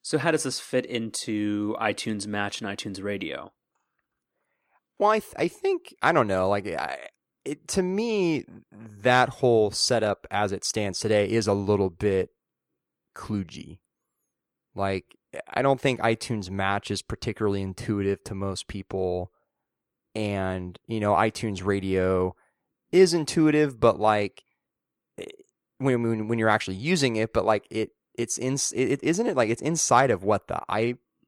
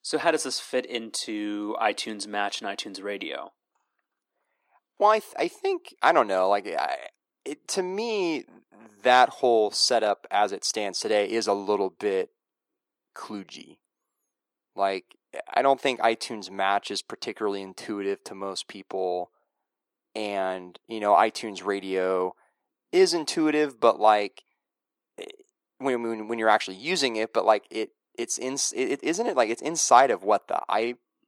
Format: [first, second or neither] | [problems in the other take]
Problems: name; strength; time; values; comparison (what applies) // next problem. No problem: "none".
first | thin; somewhat; fading below 250 Hz